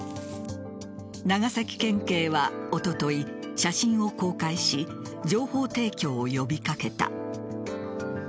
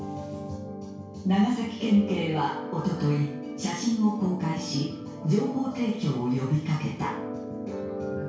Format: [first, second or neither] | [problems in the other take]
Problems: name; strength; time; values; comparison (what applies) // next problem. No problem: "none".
first | room echo; dies away in 0.6 s